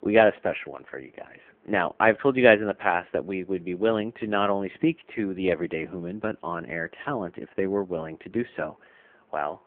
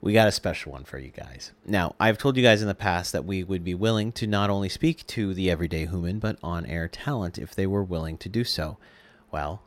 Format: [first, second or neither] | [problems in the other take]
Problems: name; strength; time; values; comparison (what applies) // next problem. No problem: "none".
second | phone-call audio; poor line